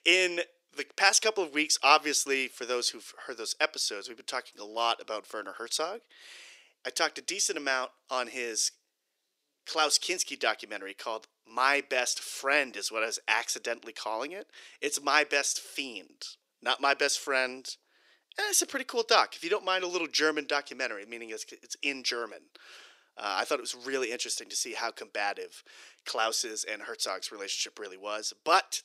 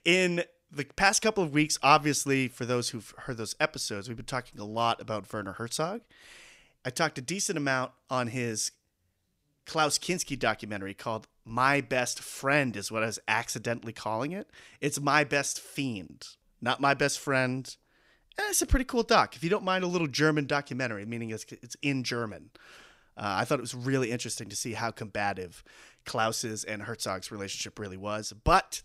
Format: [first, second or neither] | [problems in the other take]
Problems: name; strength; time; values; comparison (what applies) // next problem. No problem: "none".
second | thin; somewhat; fading below 350 Hz